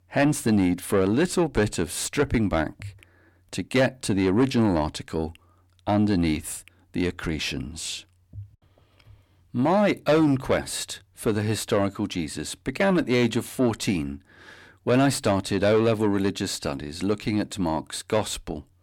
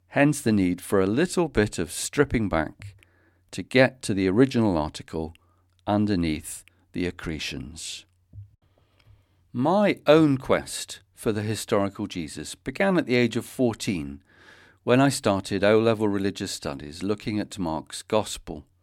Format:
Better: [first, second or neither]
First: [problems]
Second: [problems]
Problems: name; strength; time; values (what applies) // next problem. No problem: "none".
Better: second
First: distortion; slight; 10 dB below the speech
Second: none